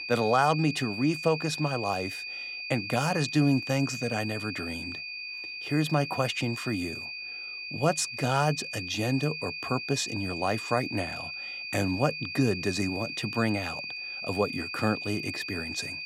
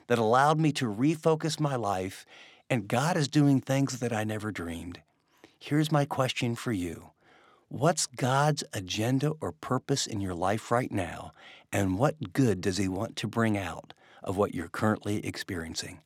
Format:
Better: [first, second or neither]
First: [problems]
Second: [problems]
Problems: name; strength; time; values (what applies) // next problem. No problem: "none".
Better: second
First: high-pitched whine; loud; throughout; 2.5 kHz, 6 dB below the speech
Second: none